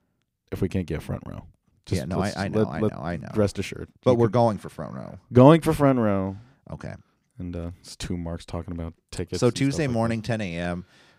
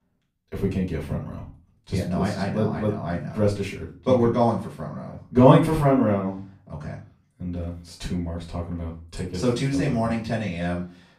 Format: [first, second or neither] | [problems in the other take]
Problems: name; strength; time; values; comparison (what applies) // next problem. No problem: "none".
first | off-mic speech; far // room echo; slight; dies away in 0.3 s